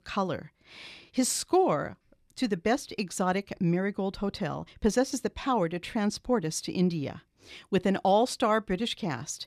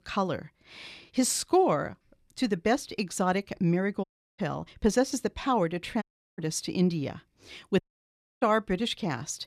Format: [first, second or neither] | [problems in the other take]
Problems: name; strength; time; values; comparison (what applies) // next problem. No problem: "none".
first | audio cutting out; at 4 s, at 6 s and at 8 s for 0.5 s